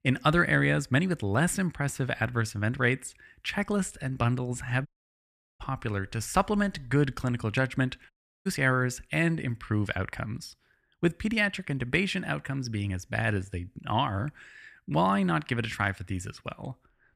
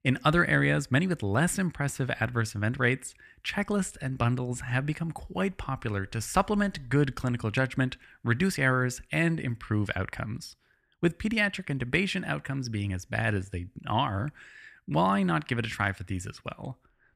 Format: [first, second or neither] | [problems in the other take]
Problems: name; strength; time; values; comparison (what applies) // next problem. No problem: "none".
second | audio cutting out; at 5 s for 0.5 s and at 8 s